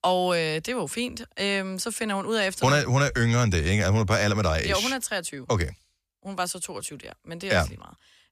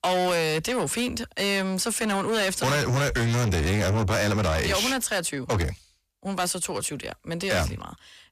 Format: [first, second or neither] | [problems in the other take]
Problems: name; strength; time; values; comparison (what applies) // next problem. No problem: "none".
first | distortion; heavy; 7 dB below the speech